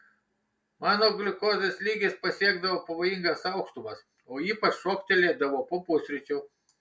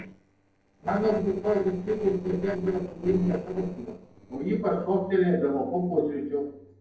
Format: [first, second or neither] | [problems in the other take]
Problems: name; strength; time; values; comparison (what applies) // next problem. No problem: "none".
first | noise reduction (neural separator model SepFormer DNS4)